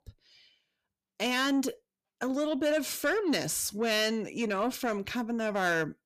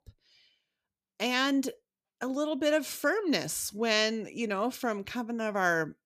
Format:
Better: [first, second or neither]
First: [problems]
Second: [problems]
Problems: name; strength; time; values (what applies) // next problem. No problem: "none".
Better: second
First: distortion; slight; 10 dB below the speech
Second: none